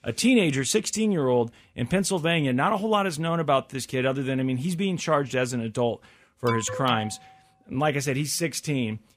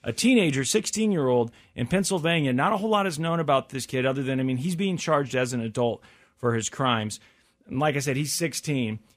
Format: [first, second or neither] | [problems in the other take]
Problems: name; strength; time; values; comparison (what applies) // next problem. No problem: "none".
second | alarm; noticeable; at 6.5 s; peak 7 dB below the speech